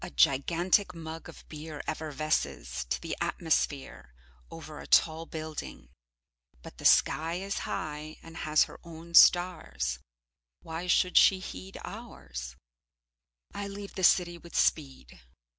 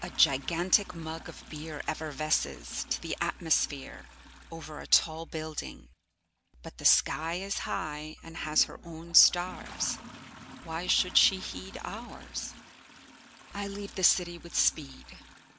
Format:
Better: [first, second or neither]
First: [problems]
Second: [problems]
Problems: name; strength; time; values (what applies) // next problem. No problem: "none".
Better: first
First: none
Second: background sound (Toilet flush); 19 dB below the speech